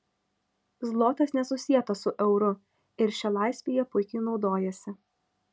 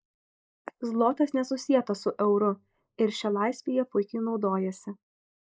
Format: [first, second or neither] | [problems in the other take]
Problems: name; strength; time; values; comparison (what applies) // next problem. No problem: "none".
first | noise reduction (neural mask model Resemble Enhance denoiser)